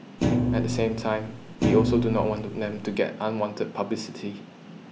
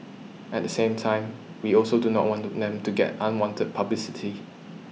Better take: second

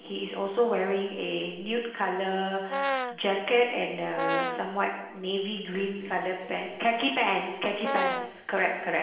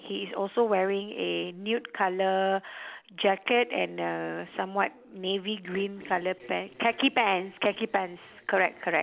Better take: second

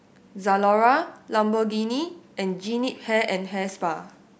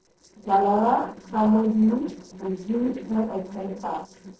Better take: first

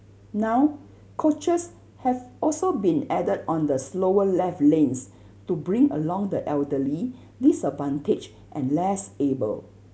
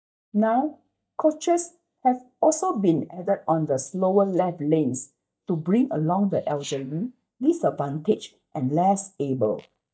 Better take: first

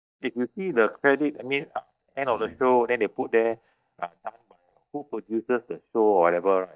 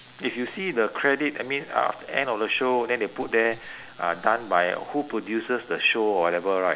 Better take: second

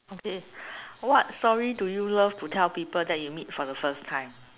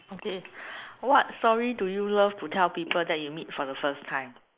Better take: first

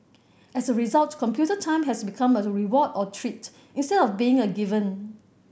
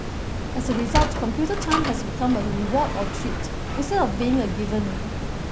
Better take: first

